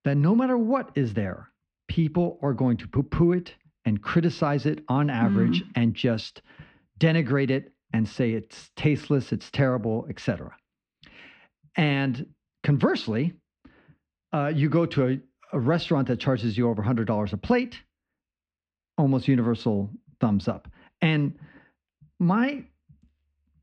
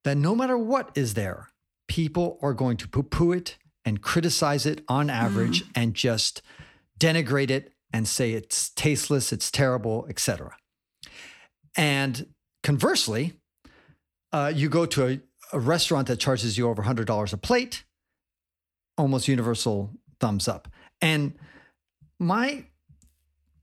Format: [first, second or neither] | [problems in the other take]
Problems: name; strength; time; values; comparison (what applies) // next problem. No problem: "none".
second | muffled; slightly; fading above 3 kHz